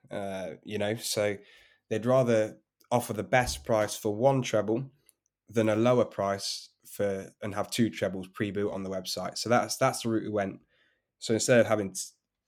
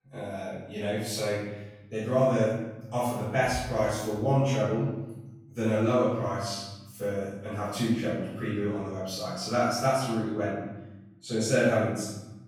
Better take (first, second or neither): first